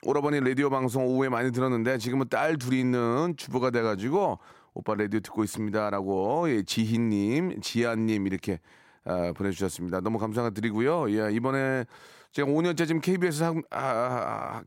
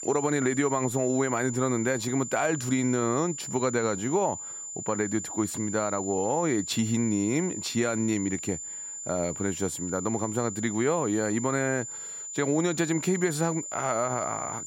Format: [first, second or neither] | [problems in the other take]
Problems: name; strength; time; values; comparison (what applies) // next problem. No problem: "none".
first | high-pitched whine; loud; throughout; 7 kHz, 7 dB below the speech